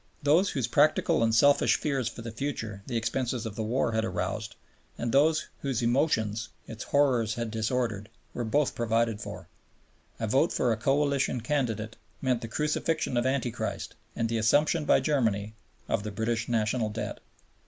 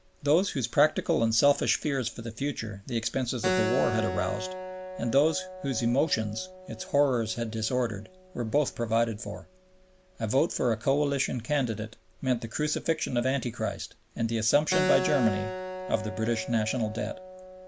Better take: first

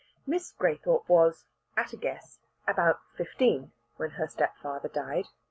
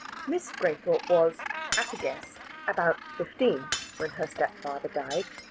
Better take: first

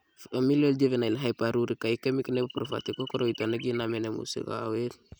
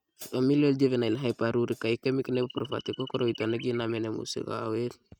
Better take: first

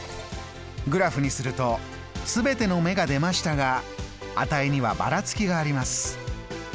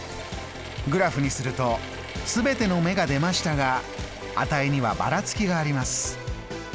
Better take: first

